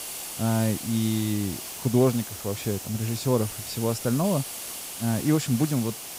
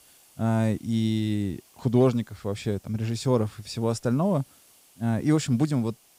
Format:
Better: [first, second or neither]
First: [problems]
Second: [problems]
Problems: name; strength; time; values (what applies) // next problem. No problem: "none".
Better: second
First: hiss; loud; throughout; 8 dB below the speech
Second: hiss; faint; throughout; 30 dB below the speech